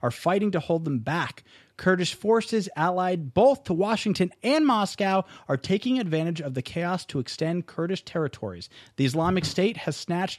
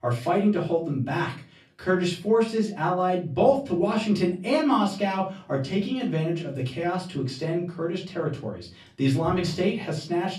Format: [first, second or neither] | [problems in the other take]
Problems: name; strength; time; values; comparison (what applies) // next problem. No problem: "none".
first | off-mic speech; far // room echo; slight; dies away in 0.3 s